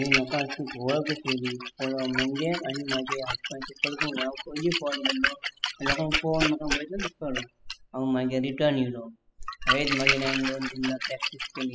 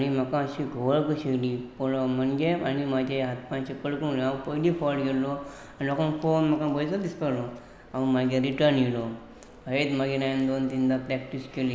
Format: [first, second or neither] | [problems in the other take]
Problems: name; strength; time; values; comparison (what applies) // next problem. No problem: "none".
second | noise reduction (classical method spectral subtraction)